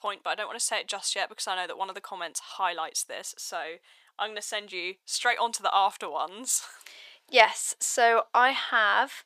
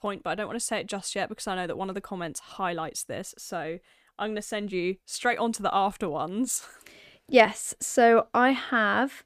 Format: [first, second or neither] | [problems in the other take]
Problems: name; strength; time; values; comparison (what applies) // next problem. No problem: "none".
second | thin; very; fading below 700 Hz